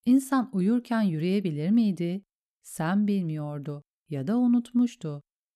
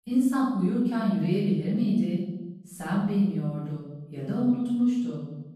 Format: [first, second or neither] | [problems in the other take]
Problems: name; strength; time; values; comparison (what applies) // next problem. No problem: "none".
first | off-mic speech; far // room echo; noticeable; dies away in 1 s